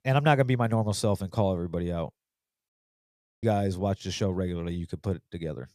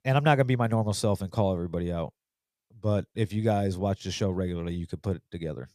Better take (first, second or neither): second